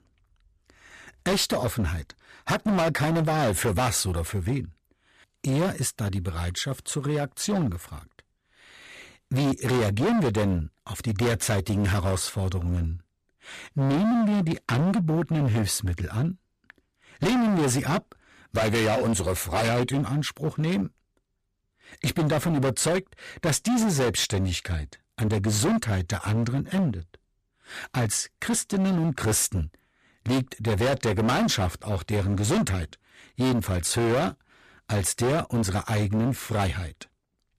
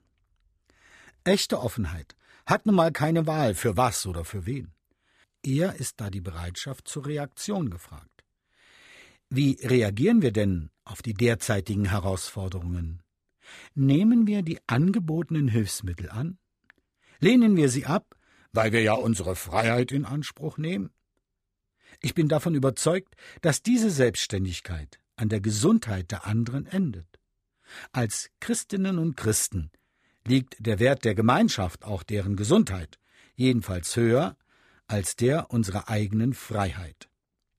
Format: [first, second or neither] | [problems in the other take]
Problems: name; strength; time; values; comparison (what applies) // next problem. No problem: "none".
second | distortion; heavy; 18% of the sound clipped